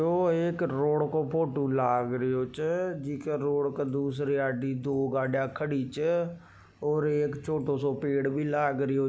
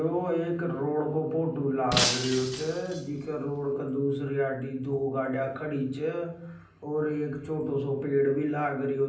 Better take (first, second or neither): first